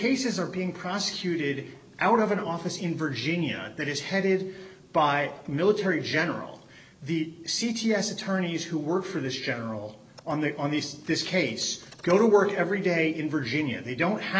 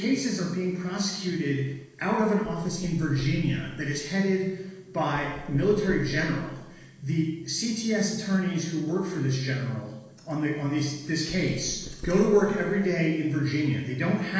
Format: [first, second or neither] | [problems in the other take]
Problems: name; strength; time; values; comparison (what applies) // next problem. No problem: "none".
first | noise reduction (neural separator model SepFormer DNS4)